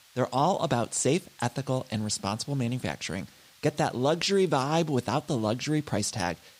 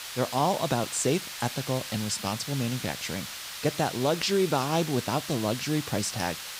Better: first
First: hiss; faint; throughout; 25 dB below the speech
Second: hiss; loud; throughout; 7 dB below the speech

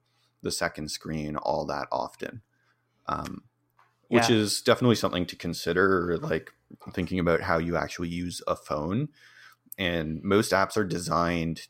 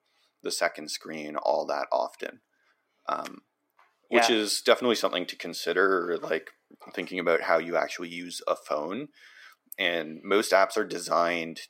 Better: first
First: none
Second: thin; somewhat; fading below 300 Hz

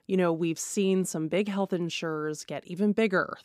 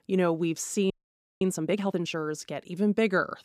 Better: first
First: none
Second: audio freezing; at 1 s for 0.5 s

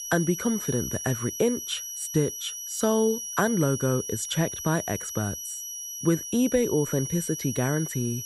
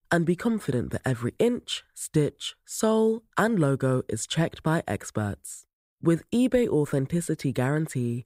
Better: second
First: high-pitched whine; loud; throughout; 6 kHz, 6 dB below the speech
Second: none

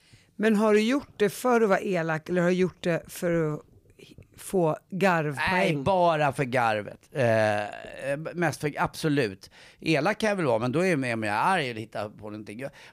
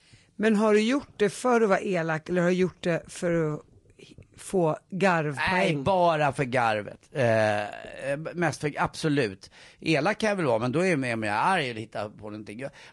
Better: first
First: none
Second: garbled, watery; slightly; nothing above 10.5 kHz

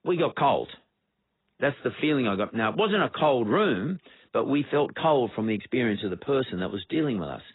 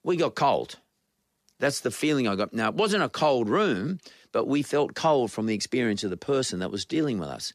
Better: second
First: garbled, watery; badly; nothing above 4 kHz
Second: none

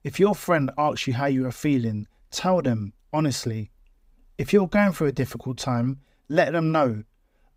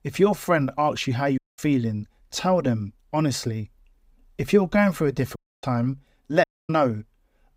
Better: first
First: none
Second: audio cutting out; at 1.5 s, at 5.5 s and at 6.5 s

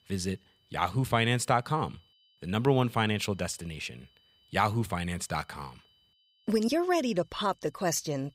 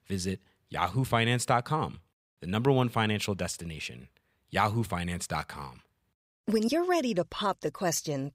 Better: second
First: high-pitched whine; faint; throughout; 3 kHz, 35 dB below the speech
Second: none

